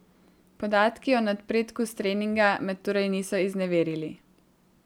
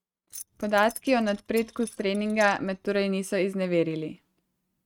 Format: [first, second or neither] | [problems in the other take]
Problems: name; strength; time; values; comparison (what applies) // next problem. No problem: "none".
first | noise reduction (neural mask model RNNoise)